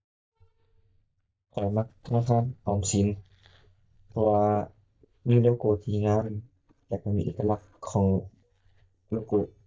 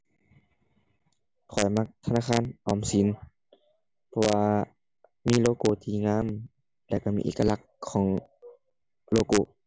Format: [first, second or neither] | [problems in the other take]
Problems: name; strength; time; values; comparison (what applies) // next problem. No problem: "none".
second | noise reduction (neural mask model DeepFilterNet 3)